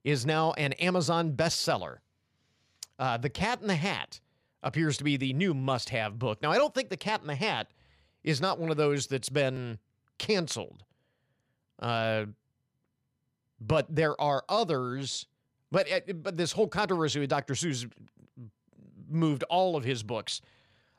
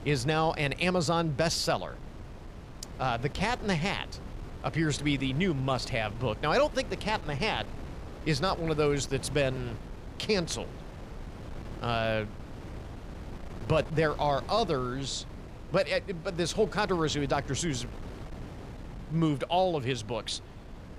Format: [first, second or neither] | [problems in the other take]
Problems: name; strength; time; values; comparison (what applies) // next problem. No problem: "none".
first | wind noise on the microphone; occasional gusts; 20 dB below the speech